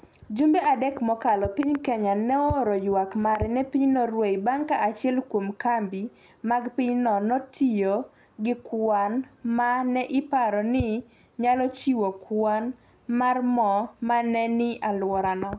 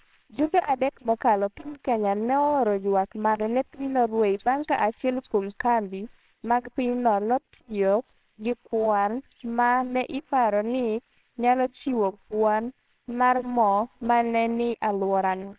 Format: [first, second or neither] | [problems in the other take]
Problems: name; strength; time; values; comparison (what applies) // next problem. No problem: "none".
first | noise reduction (neural separator model SepFormer WHAMR!)